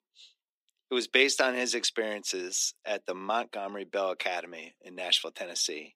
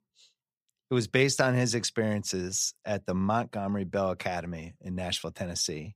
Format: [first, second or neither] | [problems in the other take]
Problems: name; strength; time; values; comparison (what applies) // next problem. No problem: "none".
second | thin; somewhat; fading below 250 Hz